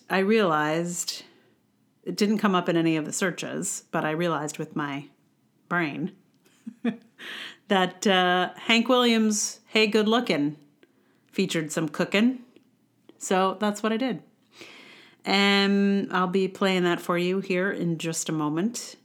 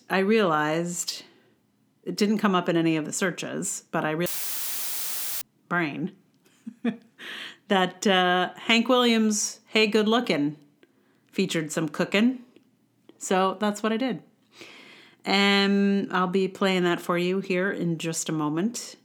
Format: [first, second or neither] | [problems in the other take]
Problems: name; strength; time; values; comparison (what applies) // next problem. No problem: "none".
first | audio cutting out; filled with static; at 4.5 s for 1 s